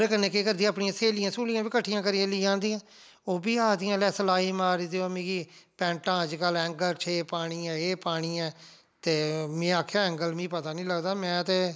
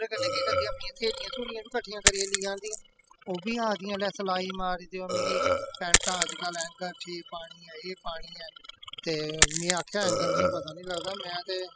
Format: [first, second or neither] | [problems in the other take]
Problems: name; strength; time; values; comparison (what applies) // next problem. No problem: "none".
first | noise reduction (classical method spectral subtraction)